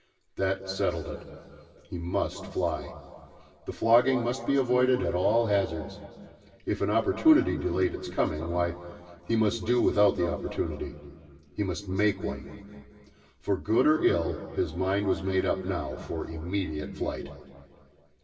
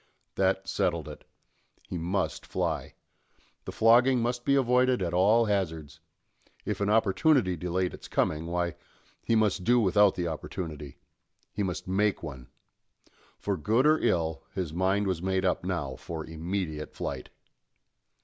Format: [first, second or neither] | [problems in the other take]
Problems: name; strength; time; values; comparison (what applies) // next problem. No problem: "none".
second | room echo; dies away in 2.4 s